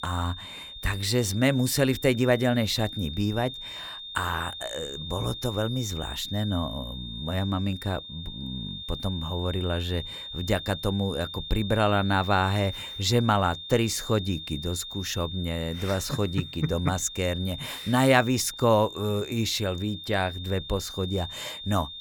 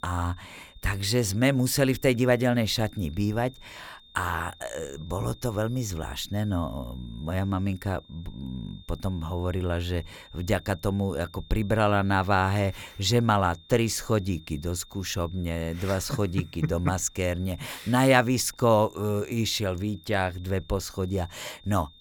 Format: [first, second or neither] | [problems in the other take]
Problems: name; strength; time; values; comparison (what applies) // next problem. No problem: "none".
second | high-pitched whine; loud; throughout; 3.5 kHz, 10 dB below the speech; faint in the second